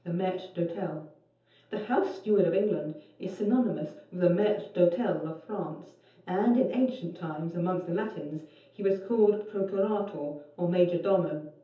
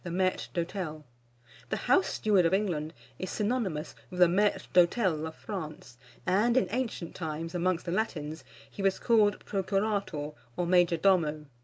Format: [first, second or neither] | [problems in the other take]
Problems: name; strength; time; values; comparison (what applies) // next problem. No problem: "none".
second | room echo; dies away in 0.5 s